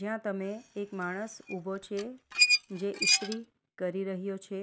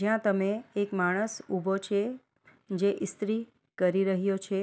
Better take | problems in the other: second | background sound (Squeak); 4 dB above the speech

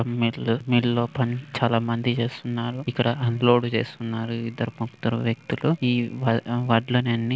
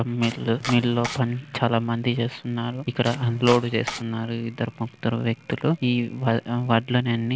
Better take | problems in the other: first | background sound (Domestic sounds, home sounds); 10 dB below the speech

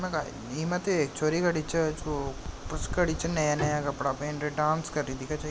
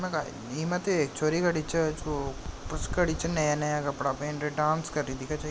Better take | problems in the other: second | background sound (Bowed string instrument); 15 dB below the speech

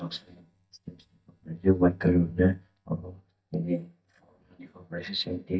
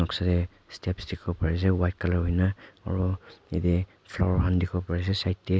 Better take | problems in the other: second | noise reduction (neural mask model DeepFilterNet 3)

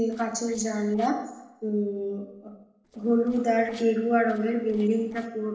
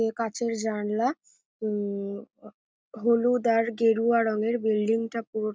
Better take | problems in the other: second | noise reduction (neural separator model SepFormer DNS4)

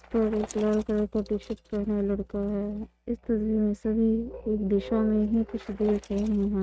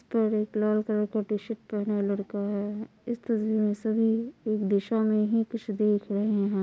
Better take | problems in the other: second | noise reduction (neural mask model RNNoise)

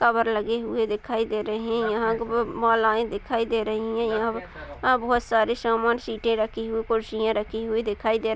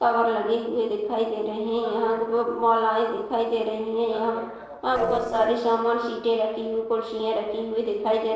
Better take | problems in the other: first | noise reduction (neural separator model SepFormer DNS4)

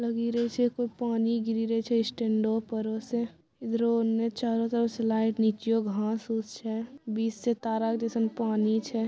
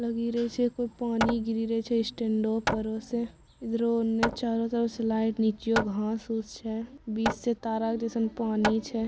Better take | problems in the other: first | background sound (Hammer); 9 dB below the speech

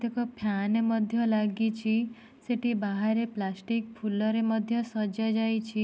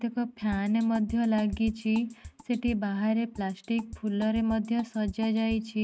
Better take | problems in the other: first | noise reduction (neural mask model RNNoise)

